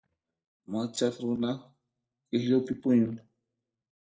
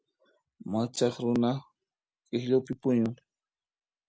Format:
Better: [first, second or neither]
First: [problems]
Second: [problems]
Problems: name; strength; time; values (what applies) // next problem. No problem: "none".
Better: second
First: noise reduction (neural mask model DeepFilterNet 3)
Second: none